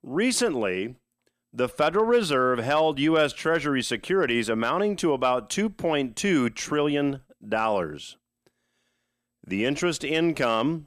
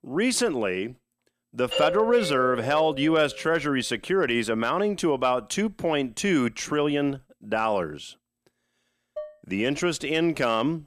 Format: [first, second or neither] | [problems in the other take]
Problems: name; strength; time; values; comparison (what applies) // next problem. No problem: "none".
first | doorbell; noticeable; from 1.5 to 3 s; peak 2 dB below the speech // clattering dishes; faint; at 9 s; peak 15 dB below the speech